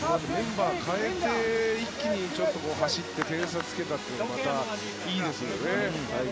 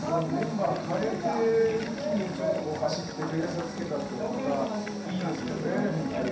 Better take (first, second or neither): first